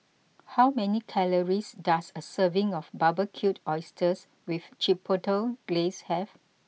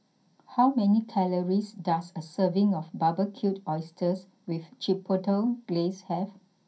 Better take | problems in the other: first | room echo; dies away in 0.3 s

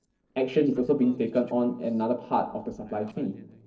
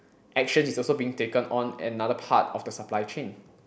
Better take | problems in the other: second | noise reduction (neural separator model SepFormer DNS4)

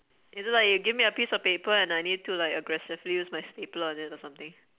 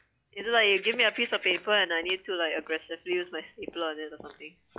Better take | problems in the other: first | noise reduction (classical method log-MMSE)

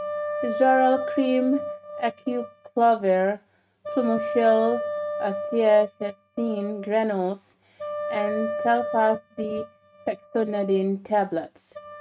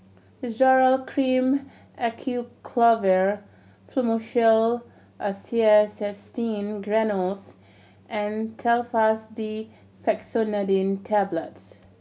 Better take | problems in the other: second | noise reduction (neural mask model RNNoise)

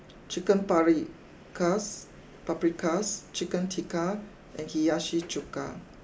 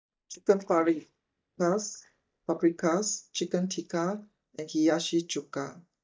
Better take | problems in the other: first | noise reduction (neural mask model DeepFilterNet 3)

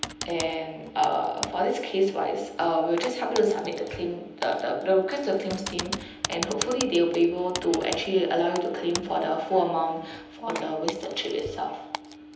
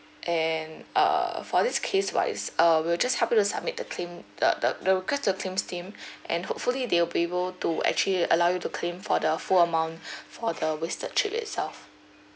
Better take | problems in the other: second | background sound (Typing); 12 dB below the speech // room echo; dies away in 0.9 s

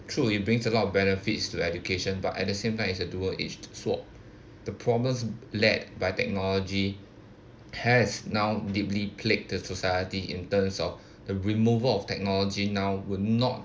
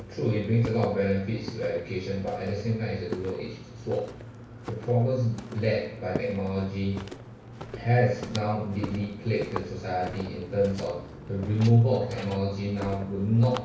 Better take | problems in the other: first | background sound (Walk, footsteps); 13 dB below the speech // room echo; dies away in 0.6 s

